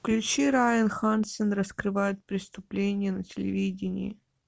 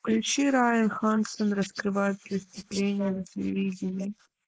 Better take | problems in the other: first | noise reduction (neural mask model Resemble Enhance denoiser)

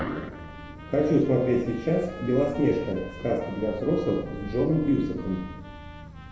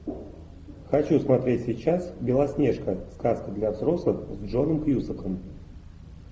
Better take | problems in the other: second | background sound (Trumpet); 19 dB below the speech // room echo; dies away in 1 s

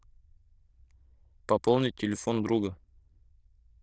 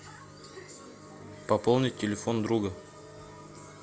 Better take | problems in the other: second | noise reduction (neural diffusion model UNIVERSE++)

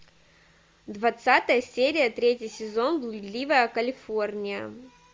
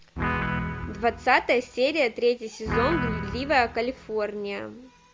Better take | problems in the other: first | background sound (Guitar); 6 dB below the speech

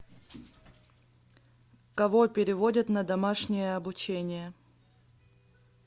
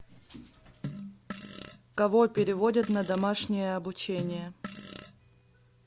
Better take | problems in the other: first | background sound (Fart); 12 dB below the speech

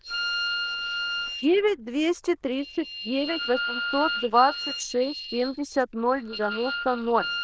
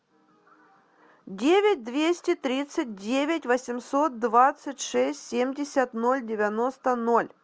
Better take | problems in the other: second | noise reduction (neural diffusion model UNIVERSE++)

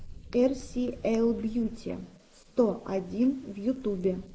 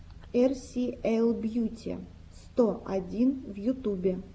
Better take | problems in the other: second | noise reduction (neural mask model Resemble Enhance denoiser)

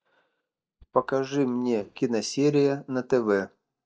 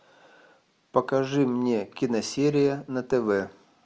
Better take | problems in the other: second | noise reduction (neural mask model DeepFilterNet 3)

